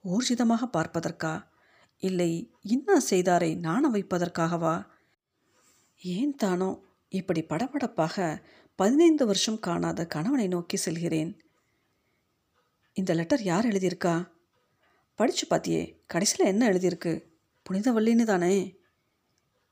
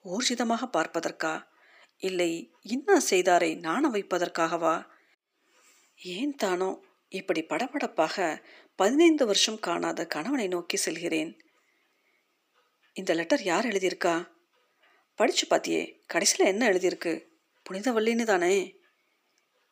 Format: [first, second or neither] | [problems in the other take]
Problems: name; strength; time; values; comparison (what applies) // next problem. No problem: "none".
first | thin; somewhat; fading below 300 Hz